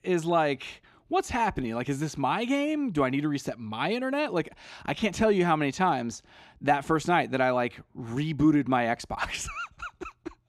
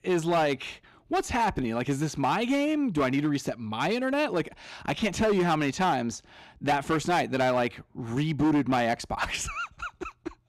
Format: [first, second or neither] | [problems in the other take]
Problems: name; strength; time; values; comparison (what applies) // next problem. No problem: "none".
first | distortion; slight; 8% of the sound clipped